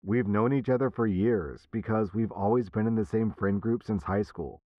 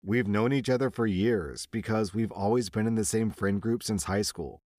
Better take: second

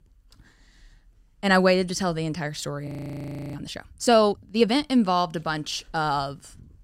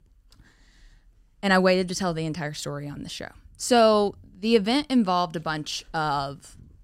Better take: second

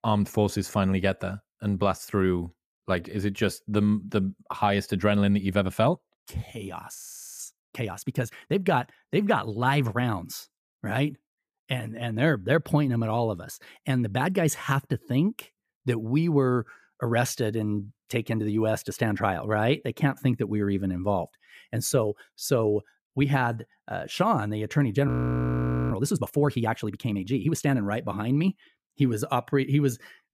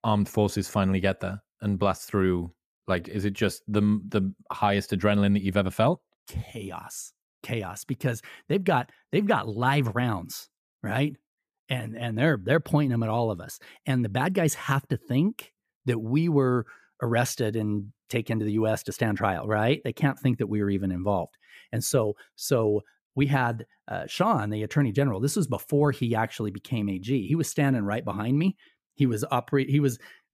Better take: second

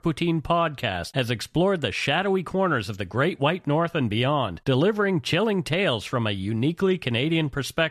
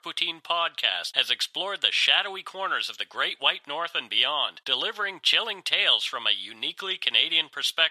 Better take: first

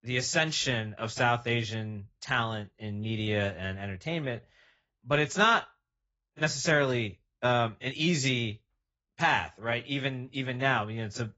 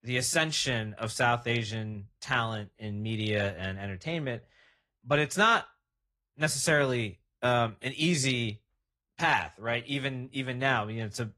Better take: second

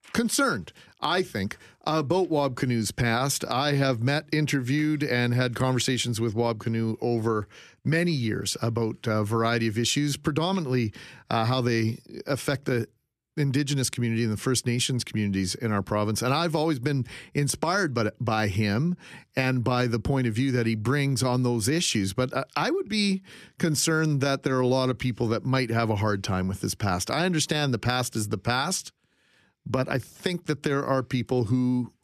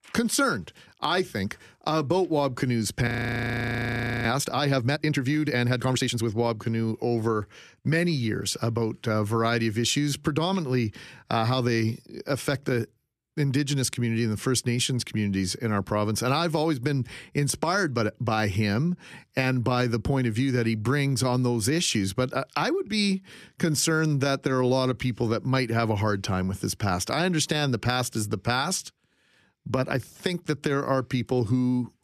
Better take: first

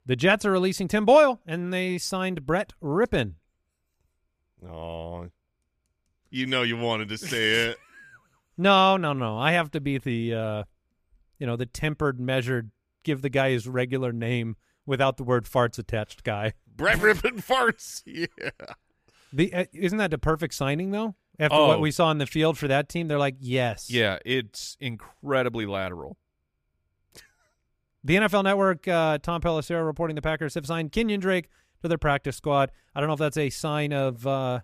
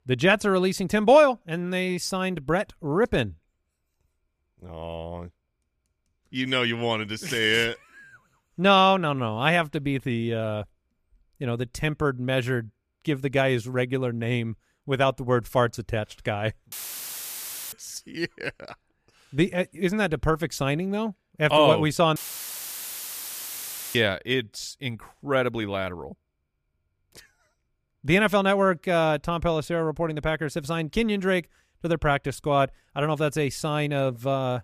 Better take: first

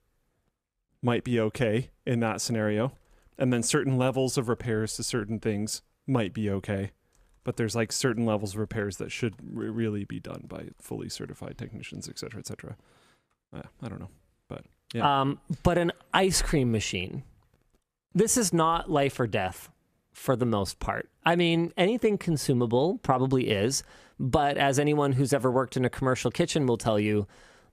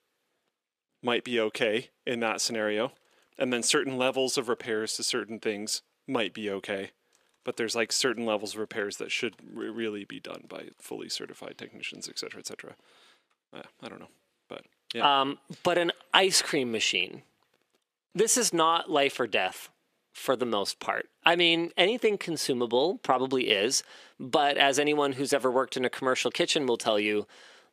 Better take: first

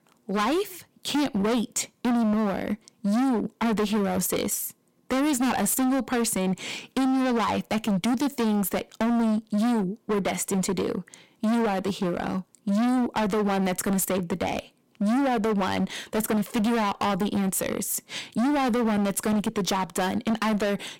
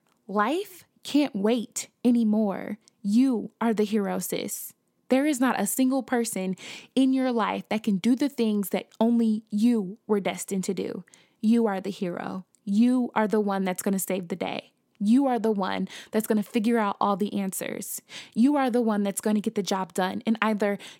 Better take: second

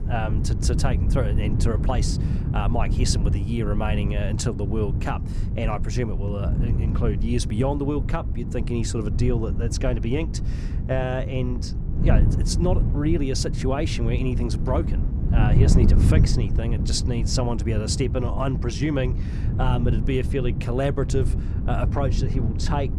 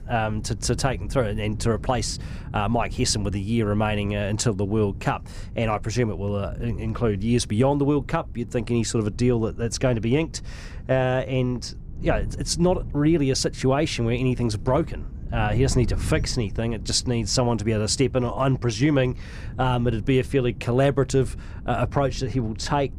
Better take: second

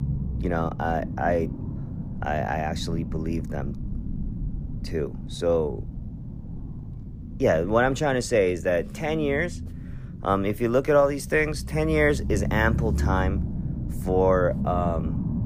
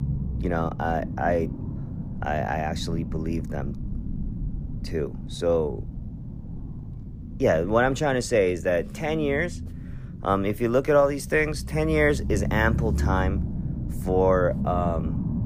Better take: neither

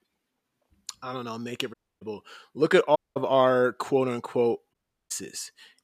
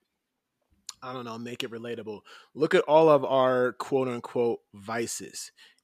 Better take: second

